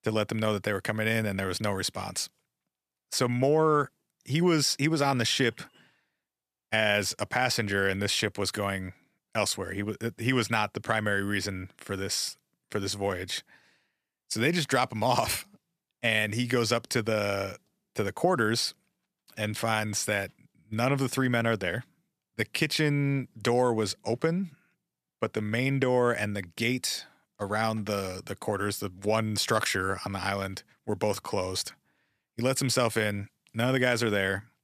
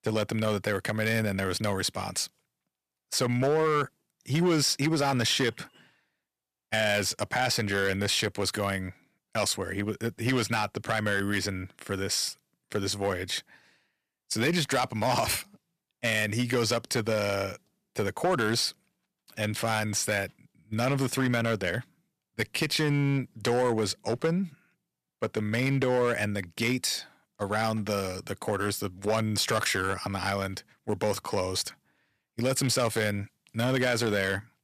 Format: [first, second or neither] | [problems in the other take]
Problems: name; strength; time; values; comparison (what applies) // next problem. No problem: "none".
first | distortion; slight; 4% of the sound clipped